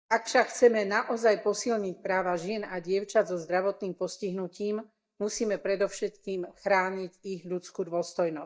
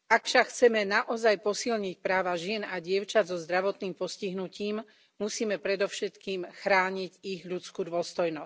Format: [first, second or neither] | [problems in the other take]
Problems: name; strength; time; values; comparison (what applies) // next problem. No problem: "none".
second | noise reduction (neural mask model DeepFilterNet 3)